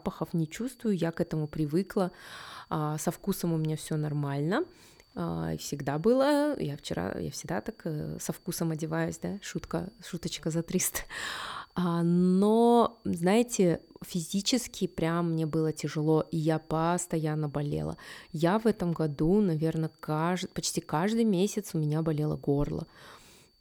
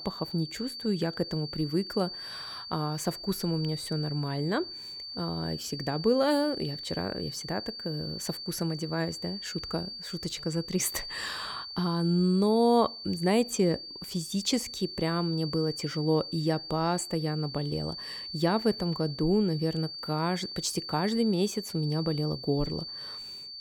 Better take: first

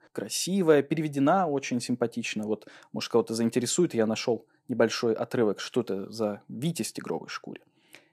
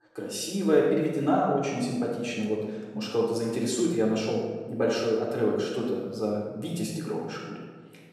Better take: first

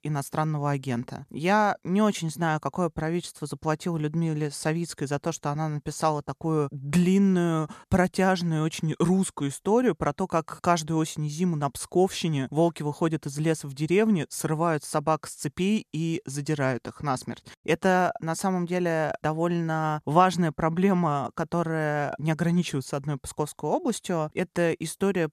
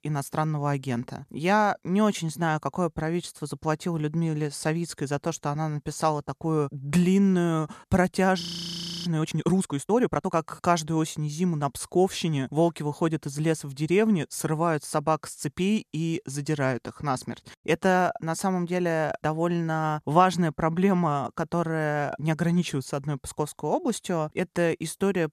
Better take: first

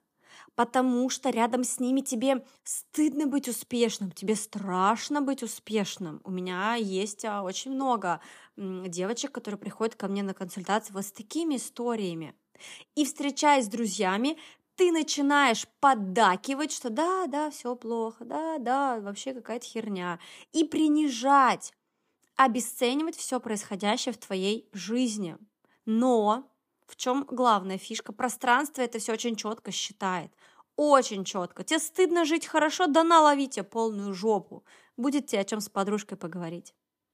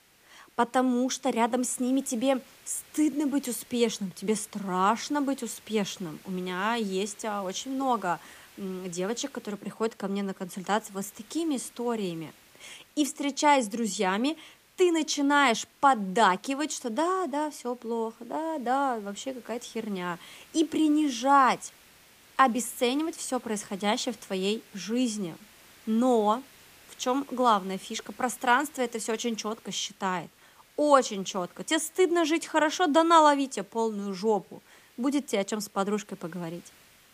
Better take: first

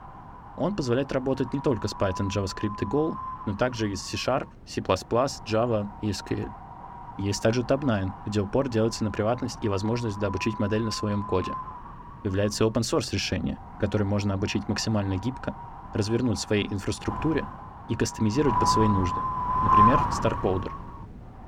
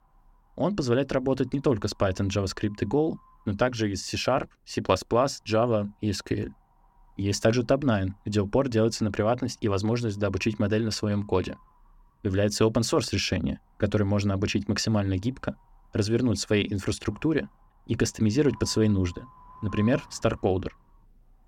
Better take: second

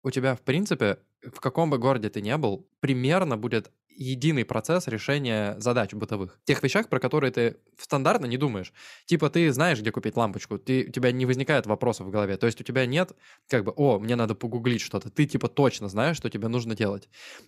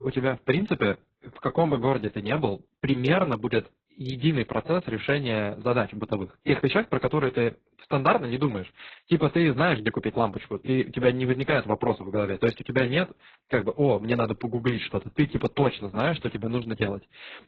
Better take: first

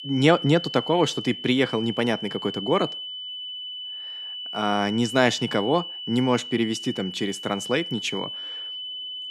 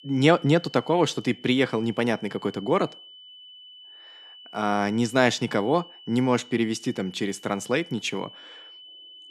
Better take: second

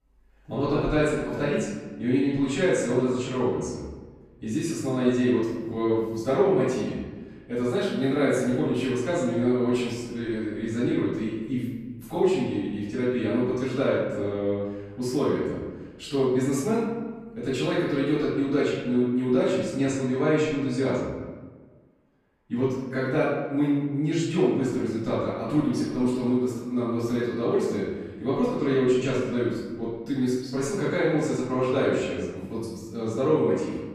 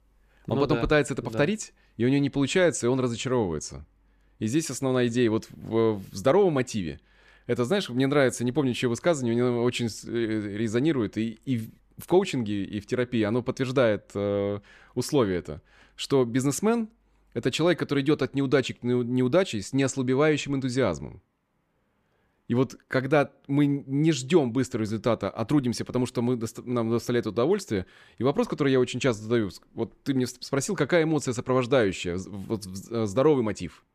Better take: second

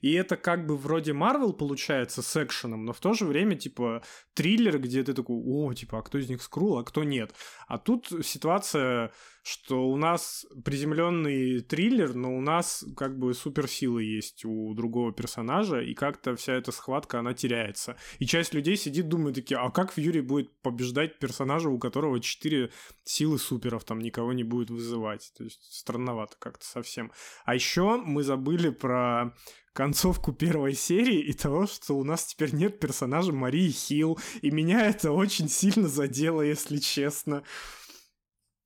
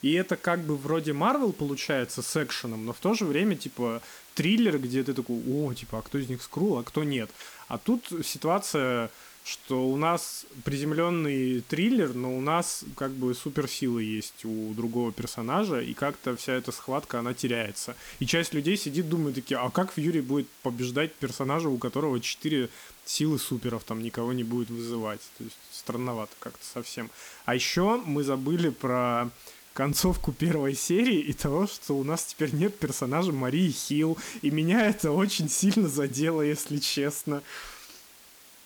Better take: first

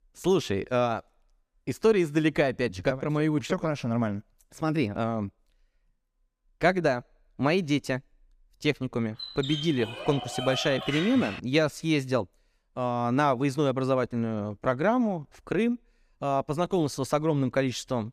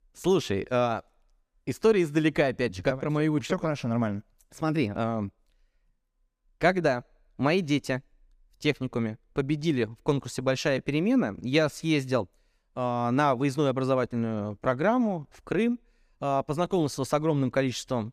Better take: second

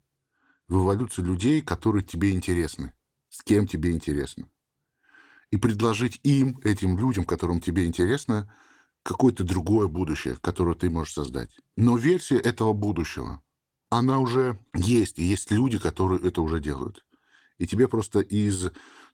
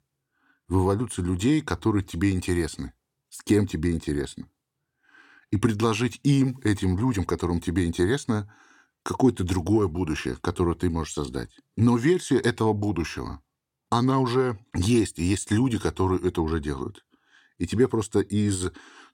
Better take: second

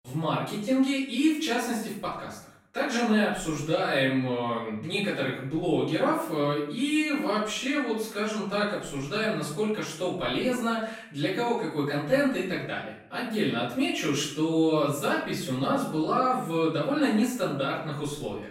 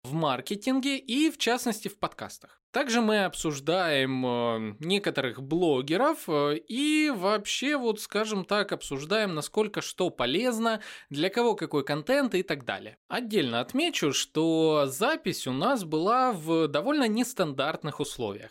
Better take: second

